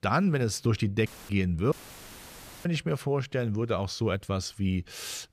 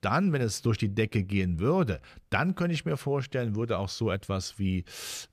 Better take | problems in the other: second | audio cutting out; filled with static; at 1 s and at 1.5 s for 1 s

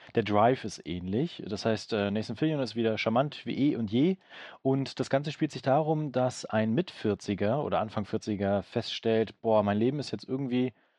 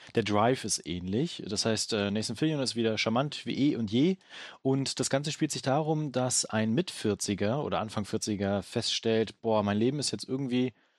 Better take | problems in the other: second | muffled; slightly; fading above 3 kHz

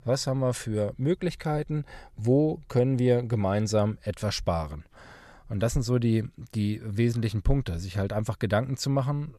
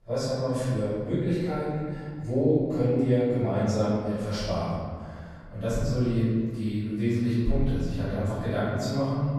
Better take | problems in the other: first | off-mic speech; far // room echo; strong; dies away in 1.7 s

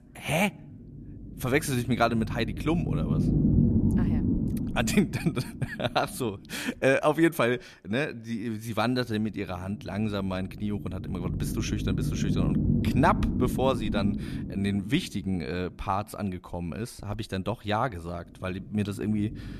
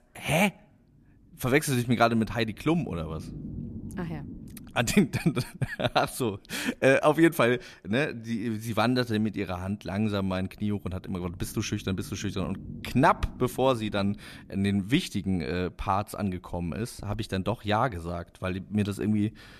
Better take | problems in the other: second | low rumble; loud; throughout; 7 dB below the speech; faint in the second

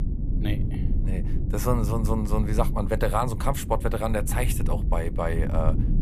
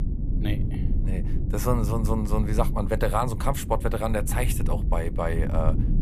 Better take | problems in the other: neither | low rumble; noticeable; throughout; 10 dB below the speech; the same in both

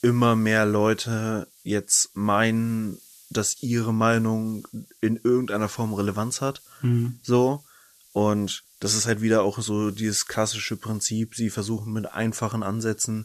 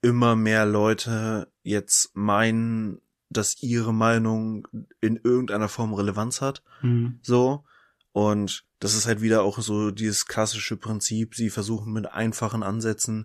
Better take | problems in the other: second | hiss; faint; throughout; 25 dB below the speech

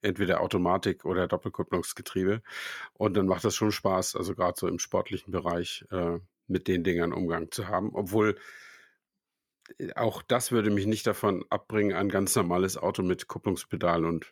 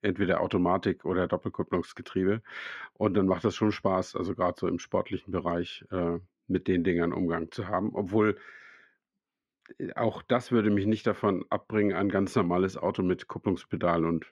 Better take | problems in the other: first | muffled; slightly; fading above 3 kHz

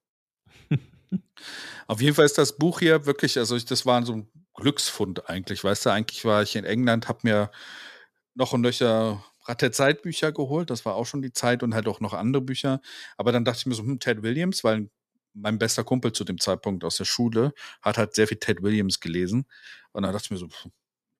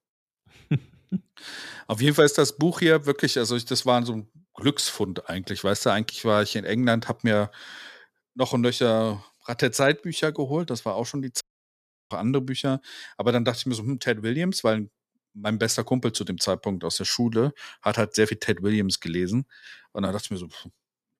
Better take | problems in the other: first | audio cutting out; at 11 s for 0.5 s

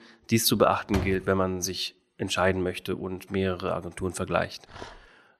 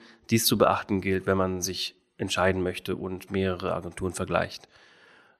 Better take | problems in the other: second | door banging; noticeable; at 1 s; peak 6 dB below the speech // dog barking; faint; at 4.5 s; peak 15 dB below the speech

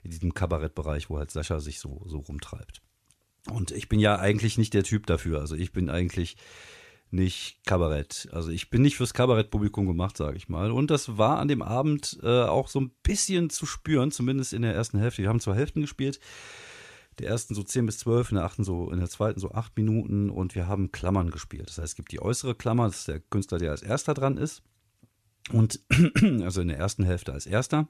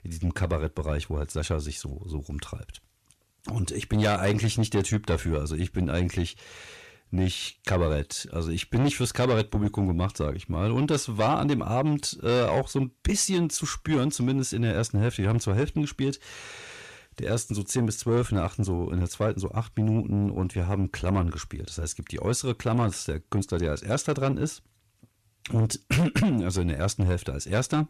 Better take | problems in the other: first | distortion; slight; 10 dB below the speech

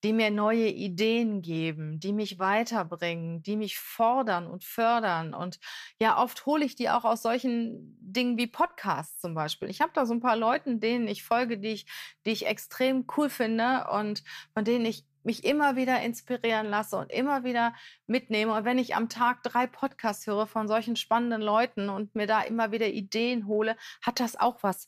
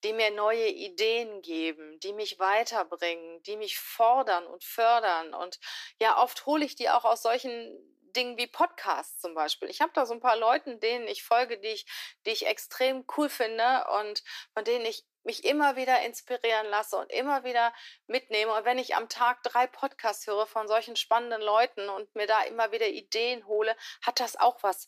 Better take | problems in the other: first | thin; somewhat; fading below 300 Hz

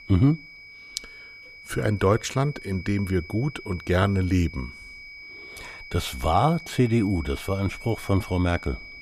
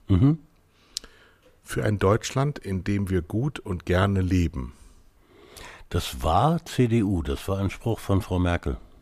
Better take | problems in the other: second | high-pitched whine; noticeable; throughout; 2.5 kHz, 15 dB below the speech

